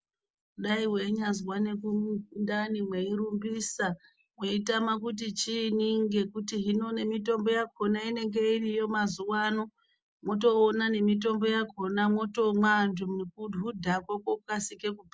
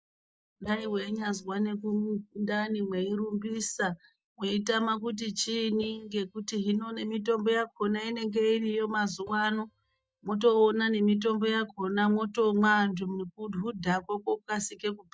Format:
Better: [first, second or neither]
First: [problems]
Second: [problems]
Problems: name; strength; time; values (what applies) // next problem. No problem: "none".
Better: first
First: none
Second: noise reduction (neural mask model DeepFilterNet 3)